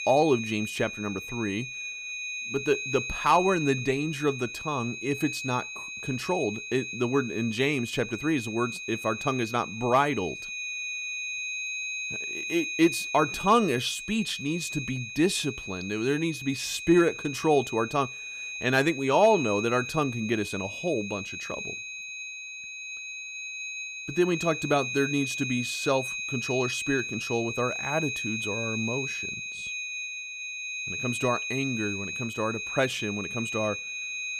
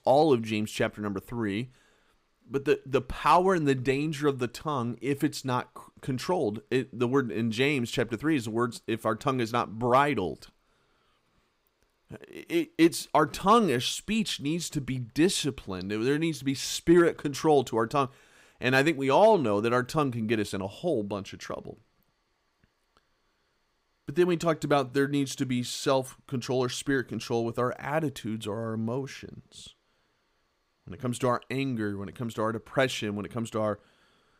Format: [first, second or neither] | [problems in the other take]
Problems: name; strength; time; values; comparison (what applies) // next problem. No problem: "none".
second | high-pitched whine; loud; throughout; 2.5 kHz, 5 dB below the speech